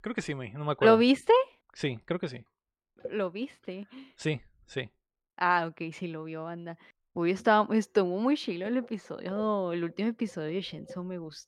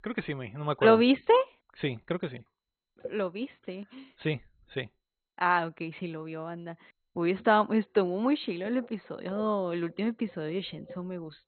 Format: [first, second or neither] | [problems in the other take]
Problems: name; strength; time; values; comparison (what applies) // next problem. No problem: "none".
first | garbled, watery; badly; nothing above 4 kHz